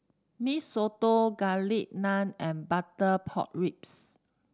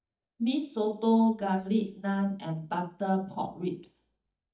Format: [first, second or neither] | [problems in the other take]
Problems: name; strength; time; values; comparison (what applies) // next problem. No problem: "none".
first | noise reduction (neural mask model DeepFilterNet 3)